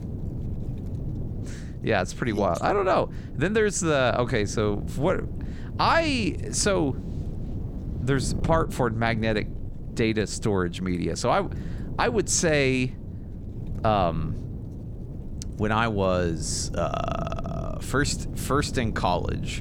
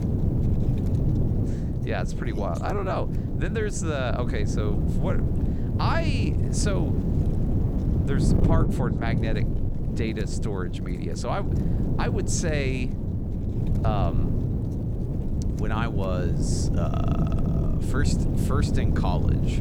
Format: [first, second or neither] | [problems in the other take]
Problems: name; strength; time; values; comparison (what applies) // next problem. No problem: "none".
first | wind noise on the microphone; heavy; 4 dB below the speech; occasional gusts in the first